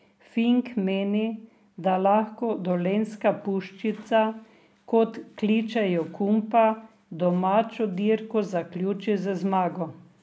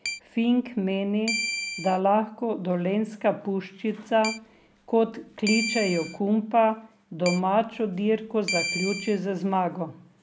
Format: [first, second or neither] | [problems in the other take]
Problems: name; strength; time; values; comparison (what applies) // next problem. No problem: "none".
first | background sound (Keyboard (musical)); 8 dB below the speech